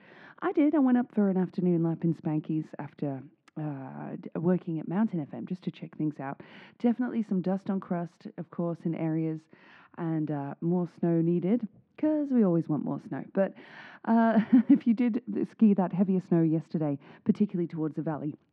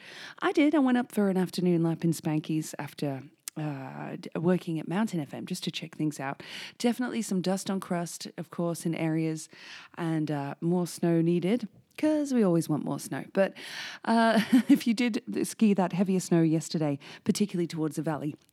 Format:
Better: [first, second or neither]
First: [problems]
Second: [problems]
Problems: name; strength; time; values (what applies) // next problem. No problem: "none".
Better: second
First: muffled; very; fading above 1.5 kHz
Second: none